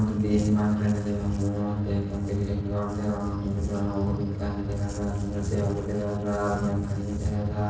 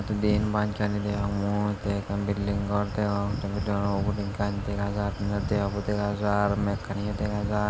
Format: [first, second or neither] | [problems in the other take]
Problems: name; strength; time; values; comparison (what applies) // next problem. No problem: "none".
second | noise reduction (neural separator model SepFormer DNS4)